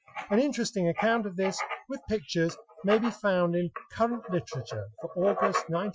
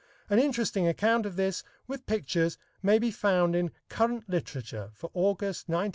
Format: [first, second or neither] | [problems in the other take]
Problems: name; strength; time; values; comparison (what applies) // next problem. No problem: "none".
second | noise reduction (classical method Wiener filter)